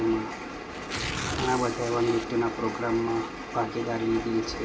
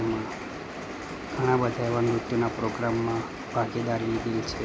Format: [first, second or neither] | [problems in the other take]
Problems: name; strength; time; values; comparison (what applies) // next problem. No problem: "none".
second | background sound (Tearing); 12 dB below the speech // room echo; dies away in 0.2 s